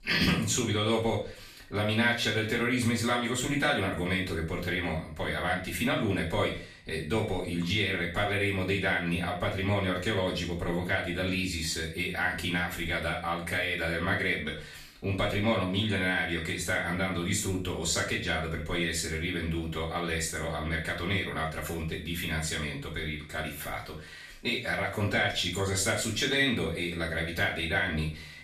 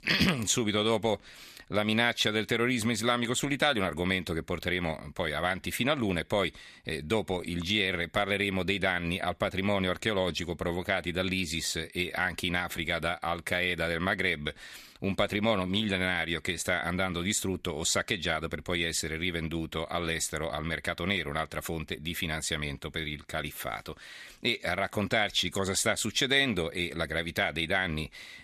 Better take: second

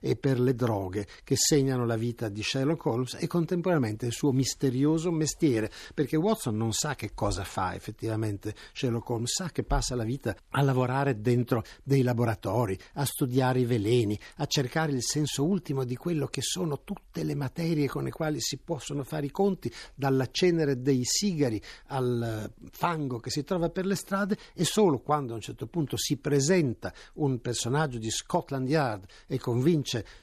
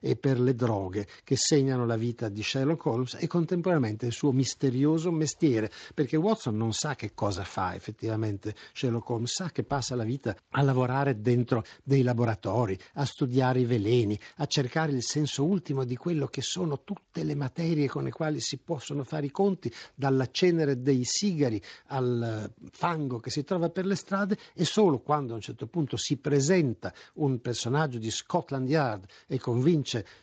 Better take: first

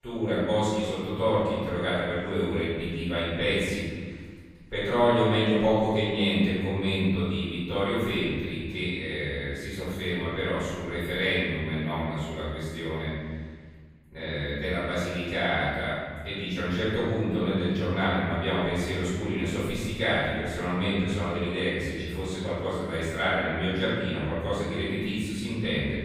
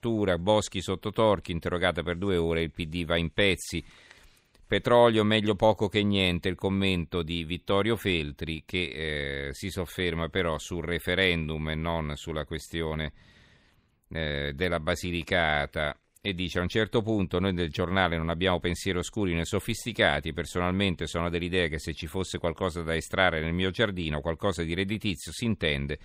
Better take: second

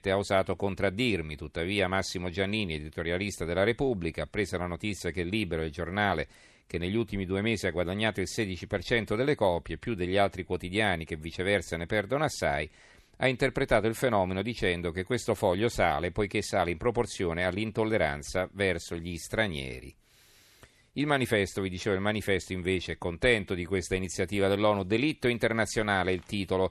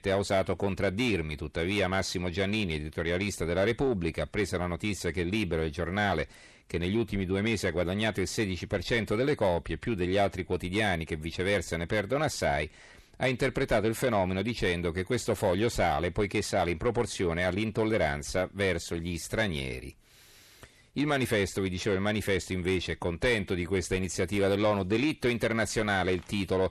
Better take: first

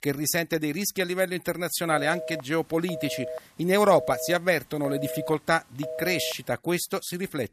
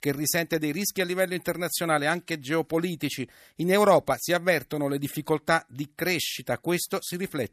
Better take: second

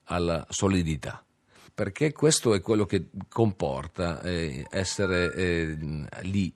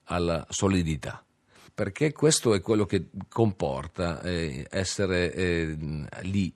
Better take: second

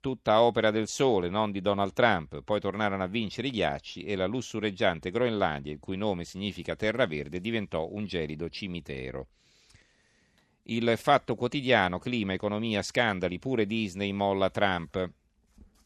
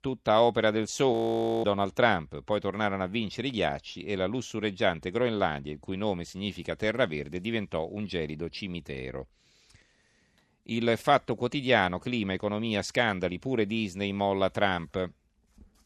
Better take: first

